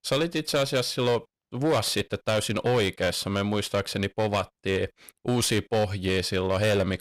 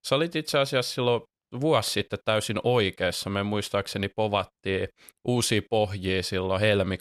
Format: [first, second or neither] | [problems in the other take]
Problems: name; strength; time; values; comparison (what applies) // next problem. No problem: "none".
second | distortion; slight; 11% of the sound clipped